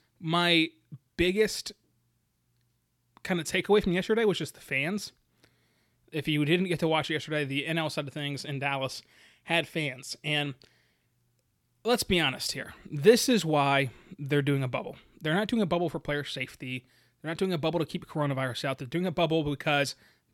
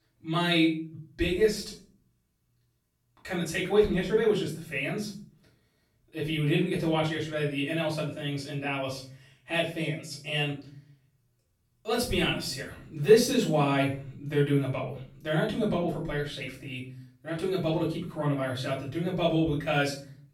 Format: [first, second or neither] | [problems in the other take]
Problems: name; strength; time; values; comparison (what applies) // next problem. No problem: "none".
first | off-mic speech; far // room echo; noticeable; dies away in 0.5 s